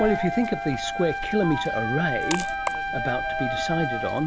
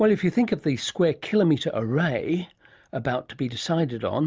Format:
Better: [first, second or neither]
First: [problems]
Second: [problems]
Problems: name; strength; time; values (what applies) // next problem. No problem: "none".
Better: second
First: background sound (Coin (dropping) + Wind instrument, woodwind instrument); 2 dB below the speech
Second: none